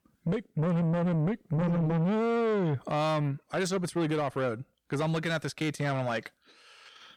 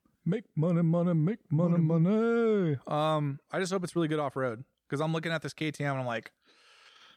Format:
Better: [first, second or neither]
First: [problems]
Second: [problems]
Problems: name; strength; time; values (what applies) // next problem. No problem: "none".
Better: second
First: distortion; slight; 10 dB below the speech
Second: none